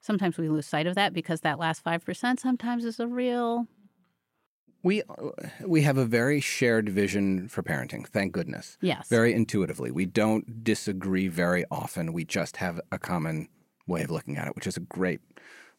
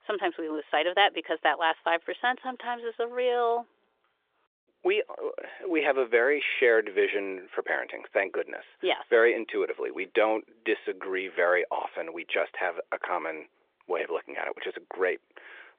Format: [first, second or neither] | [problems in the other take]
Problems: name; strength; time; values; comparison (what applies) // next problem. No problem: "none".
first | phone-call audio; nothing above 3.5 kHz